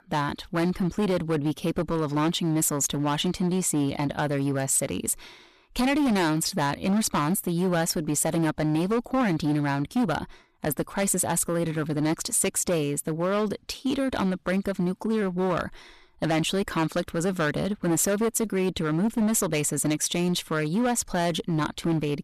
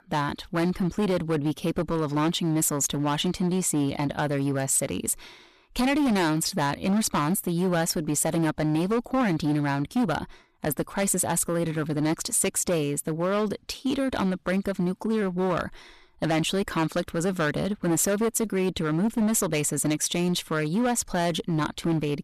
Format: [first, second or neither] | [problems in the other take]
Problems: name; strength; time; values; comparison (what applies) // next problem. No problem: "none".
neither | distortion; slight; 13% of the sound clipped; the same in both